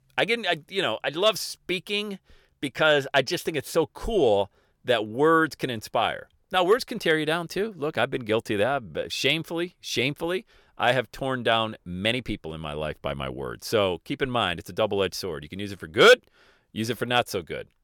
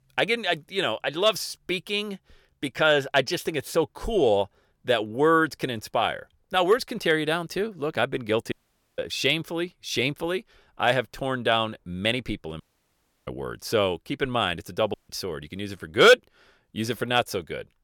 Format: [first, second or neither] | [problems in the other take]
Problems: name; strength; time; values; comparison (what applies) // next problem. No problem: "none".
first | audio cutting out; at 8.5 s, at 13 s for 0.5 s and at 15 s